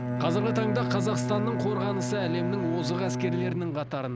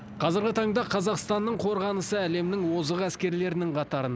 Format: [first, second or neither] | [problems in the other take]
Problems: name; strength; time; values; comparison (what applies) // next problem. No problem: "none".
second | background sound (Bowed string instrument); as loud as the speech